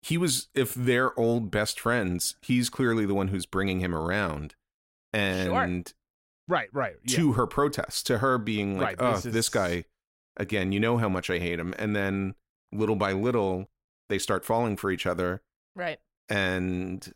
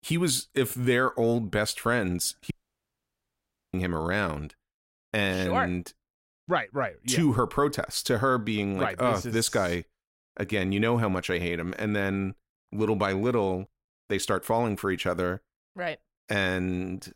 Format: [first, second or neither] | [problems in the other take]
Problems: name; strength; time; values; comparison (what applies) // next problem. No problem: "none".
first | audio cutting out; at 2.5 s for 1 s